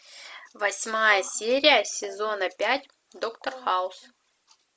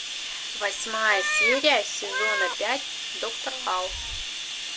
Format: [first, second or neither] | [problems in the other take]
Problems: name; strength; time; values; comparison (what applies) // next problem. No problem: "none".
first | background sound (Bathtub (filling or washing) + Meow); 1 dB below the speech